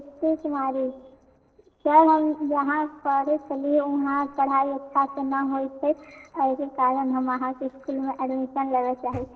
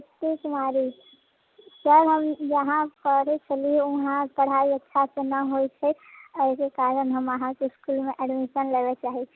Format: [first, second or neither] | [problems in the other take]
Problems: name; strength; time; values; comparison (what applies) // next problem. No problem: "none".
second | noise reduction (neural separator model SepFormer DNS4)